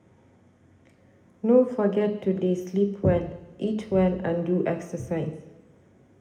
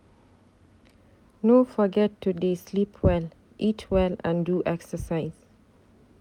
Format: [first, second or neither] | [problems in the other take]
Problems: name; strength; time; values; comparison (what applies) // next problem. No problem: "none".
second | room echo; dies away in 0.7 s